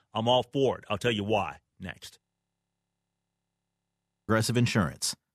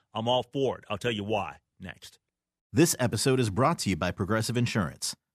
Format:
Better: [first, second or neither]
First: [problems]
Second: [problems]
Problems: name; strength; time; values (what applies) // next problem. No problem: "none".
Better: second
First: audio freezing; at 2 s for 2 s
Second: none